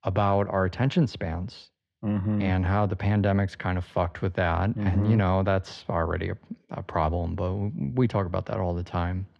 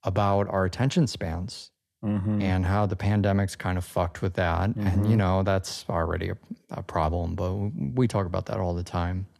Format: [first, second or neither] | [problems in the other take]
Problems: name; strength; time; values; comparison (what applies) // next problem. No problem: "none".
second | muffled; slightly; fading above 3 kHz